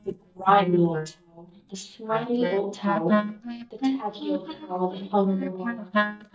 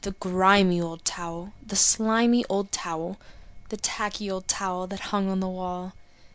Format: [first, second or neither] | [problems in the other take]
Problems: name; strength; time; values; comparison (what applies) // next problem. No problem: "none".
second | noise reduction (neural mask model DeepFilterNet 3)